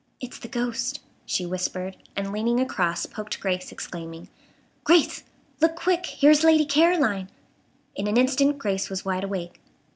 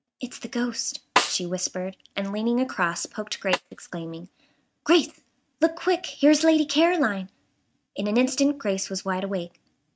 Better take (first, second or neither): first